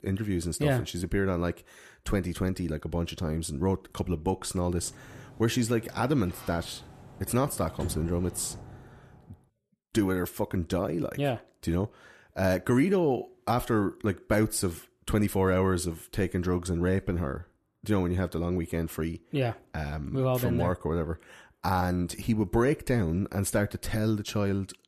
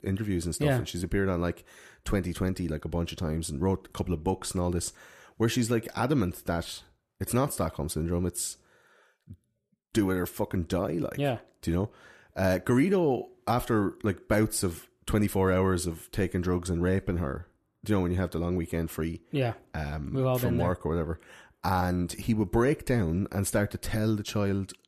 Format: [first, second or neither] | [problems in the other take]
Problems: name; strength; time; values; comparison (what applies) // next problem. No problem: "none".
second | door banging; noticeable; from 5 to 9 s; peak 9 dB below the speech